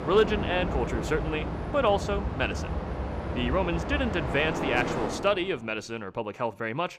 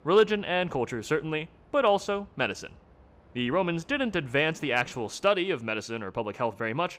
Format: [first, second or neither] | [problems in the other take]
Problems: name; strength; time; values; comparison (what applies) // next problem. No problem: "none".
second | train or aircraft noise; loud; until 5 s; 3 dB below the speech; faint in the second